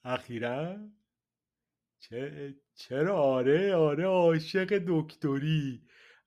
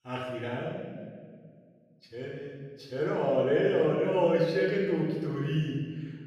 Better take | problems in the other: first | off-mic speech; far // room echo; noticeable; dies away in 1.6 s

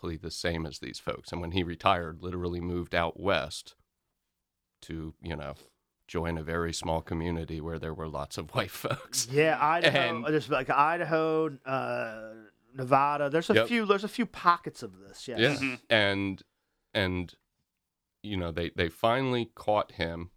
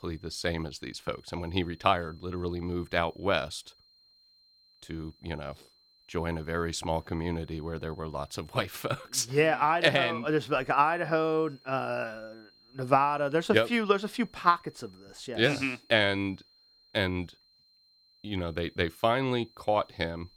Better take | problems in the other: first | high-pitched whine; faint; throughout; 4 kHz, 30 dB below the speech

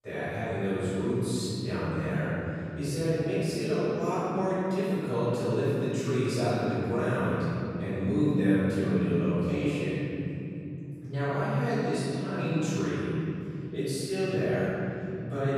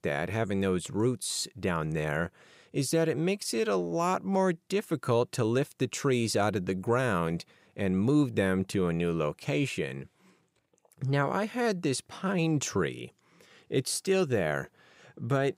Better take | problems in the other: second | off-mic speech; far // room echo; strong; dies away in 3 s

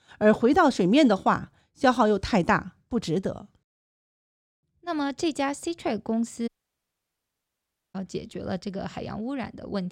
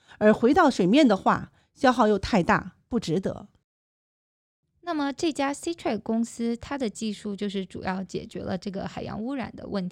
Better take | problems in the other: second | audio cutting out; at 6.5 s for 1.5 s

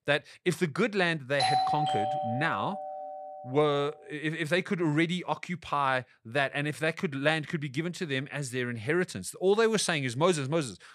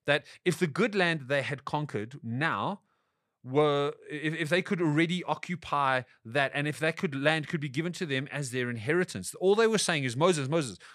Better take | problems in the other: second | doorbell; loud; from 1.5 to 3.5 s; peak 3 dB above the speech

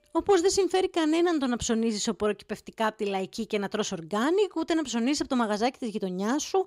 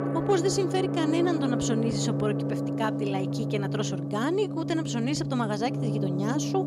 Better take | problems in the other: first | background music; loud; throughout; 1 dB below the speech

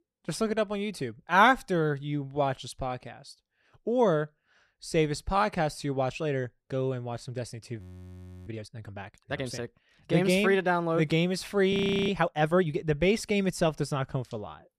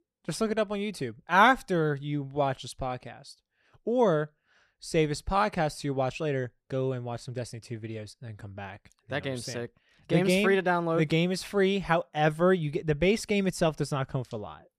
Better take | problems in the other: second | audio freezing; at 8 s for 0.5 s and at 12 s

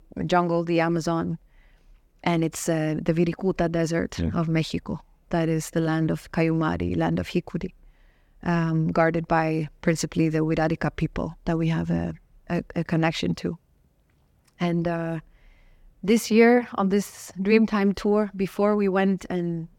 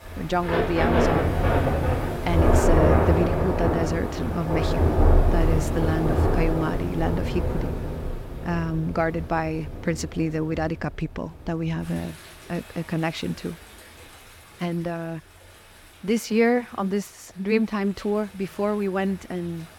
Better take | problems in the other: first | rain or running water; very loud; throughout; 3 dB above the speech

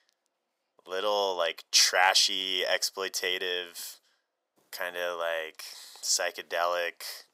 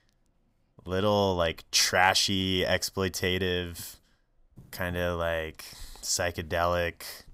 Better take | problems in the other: second | thin; very; fading below 450 Hz

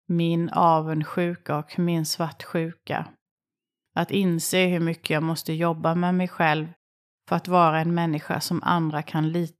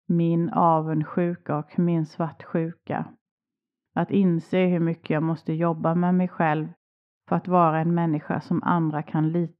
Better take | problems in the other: first | muffled; very; fading above 1.5 kHz

